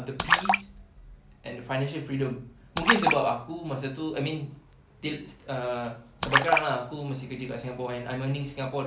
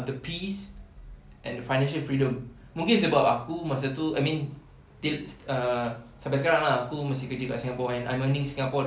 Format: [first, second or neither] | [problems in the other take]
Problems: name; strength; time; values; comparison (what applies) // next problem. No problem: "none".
second | background sound (Splash, splatter); 1 dB above the speech